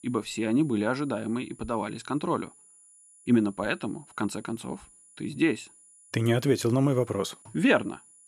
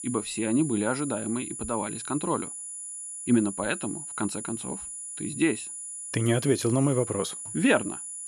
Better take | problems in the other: first | high-pitched whine; loud; throughout; 10 kHz, 7 dB below the speech; faint in the first

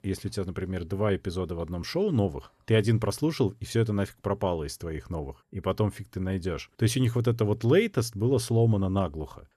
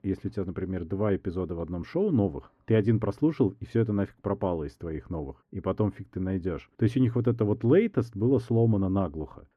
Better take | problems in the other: first | muffled; very; fading above 3.5 kHz

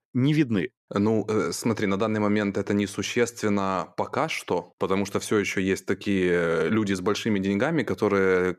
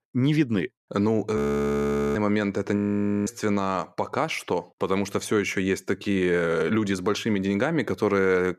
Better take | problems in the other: first | audio freezing; at 1.5 s for 1 s and at 3 s for 0.5 s

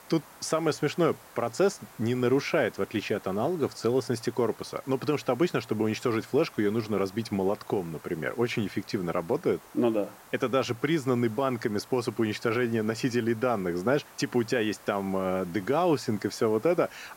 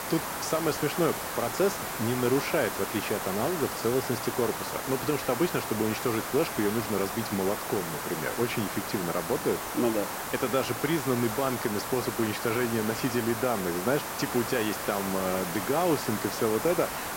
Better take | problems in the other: first | hiss; loud; throughout; 3 dB below the speech; faint in the first

